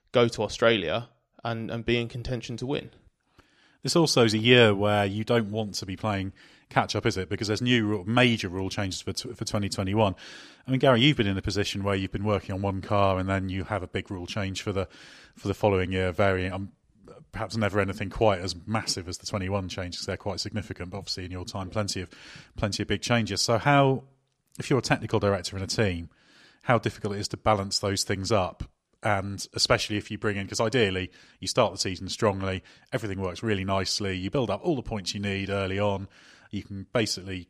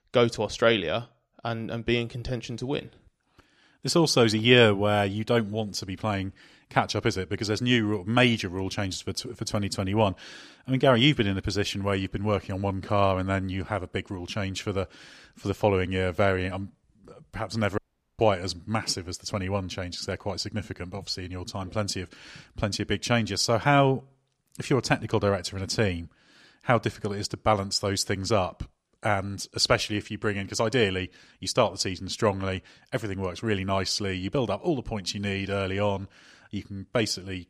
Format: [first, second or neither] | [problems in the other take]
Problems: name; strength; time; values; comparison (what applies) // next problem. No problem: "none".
first | audio cutting out; at 18 s